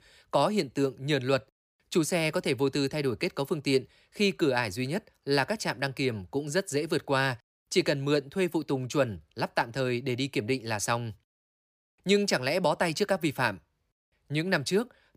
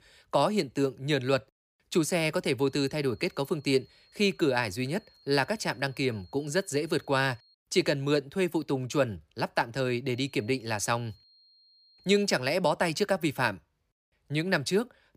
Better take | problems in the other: first | high-pitched whine; faint; from 2.5 to 7.5 s and from 10 to 13 s; 4.5 kHz, 30 dB below the speech

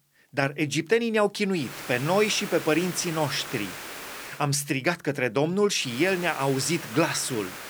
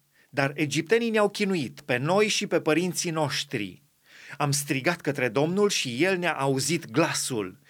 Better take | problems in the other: second | hiss; noticeable; from 1.5 to 4.5 s and from 6 s on; 10 dB below the speech

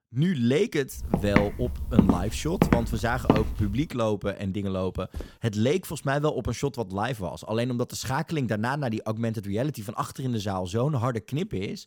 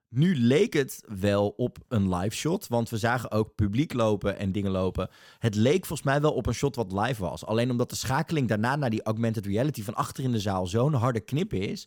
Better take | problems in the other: second | footsteps; loud; from 1 to 3.5 s; peak 5 dB above the speech // footsteps; faint; at 5 s; peak 15 dB below the speech

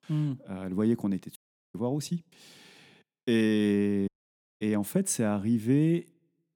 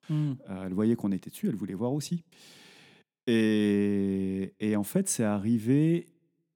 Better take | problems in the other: second | audio cutting out; at 1.5 s and at 4 s for 0.5 s

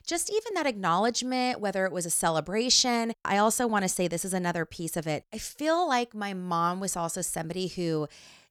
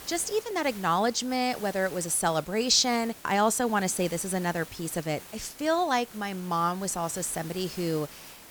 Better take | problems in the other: first | hiss; noticeable; throughout; 15 dB below the speech

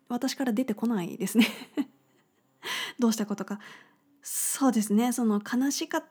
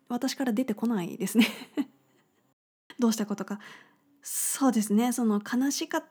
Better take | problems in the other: first | audio cutting out; at 2.5 s

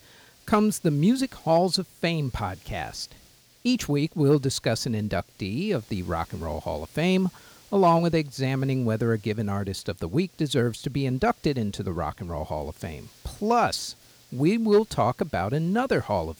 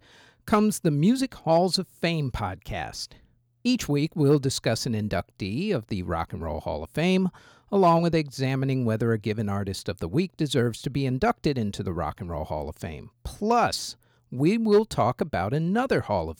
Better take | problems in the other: second | hiss; faint; throughout; 25 dB below the speech

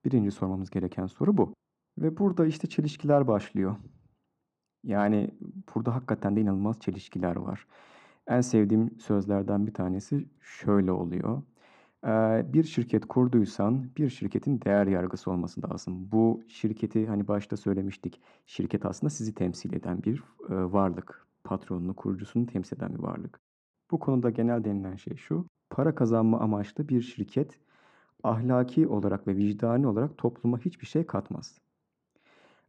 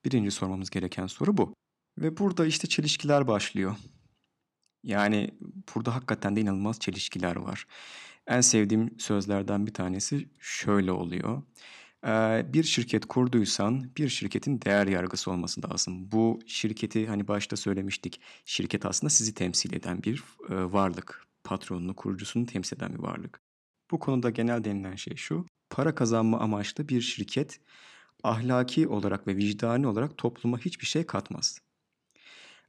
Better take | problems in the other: second | muffled; very; fading above 1.5 kHz

